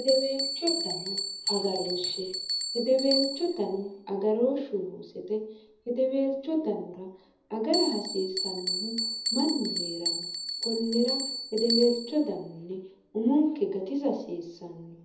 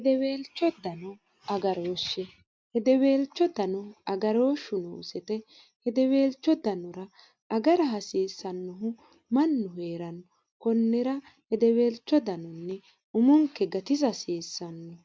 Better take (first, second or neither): second